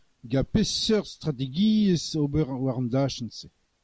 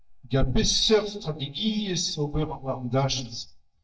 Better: first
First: none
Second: noise reduction (neural mask model DeepFilterNet 3)

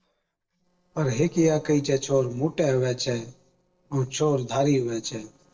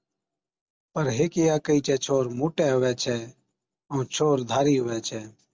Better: second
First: noise reduction (neural separator model SepFormer DNS4)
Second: none

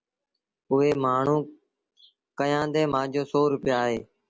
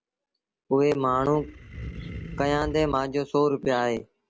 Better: first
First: none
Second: background sound (Animal); 13 dB below the speech

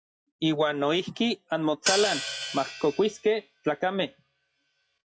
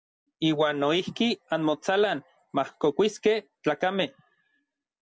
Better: second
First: noise reduction (classical method log-MMSE)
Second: none

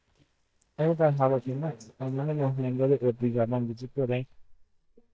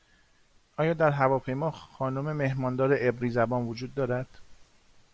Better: second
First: noise reduction (neural mask model DeepFilterNet 3)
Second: none

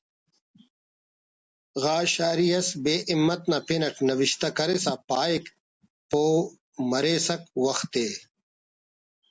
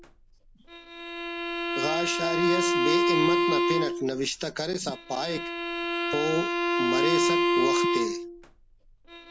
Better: first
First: none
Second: background sound (Bowed string instrument); 5 dB above the speech

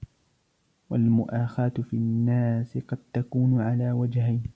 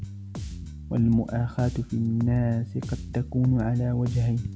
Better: first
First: none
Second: background sound (Bass guitar); 11 dB below the speech

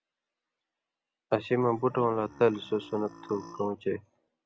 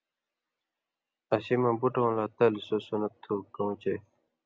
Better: second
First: background sound (Burping, eructation); 19 dB below the speech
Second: none

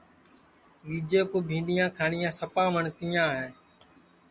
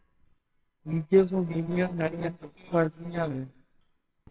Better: first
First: none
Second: noise reduction (neural separator model SepFormer WHAMR!)

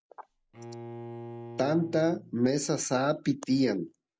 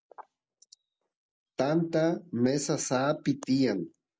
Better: second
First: background sound (Bowed string instrument); 15 dB below the speech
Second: none

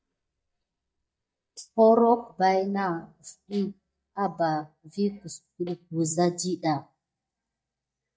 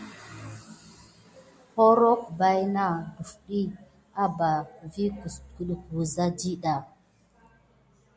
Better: second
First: noise reduction (neural mask model DeepFilterNet 3)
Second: none

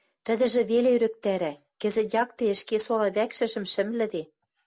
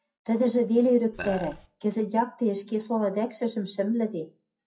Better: first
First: none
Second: noise reduction (classical method WPE with log-MMSE)

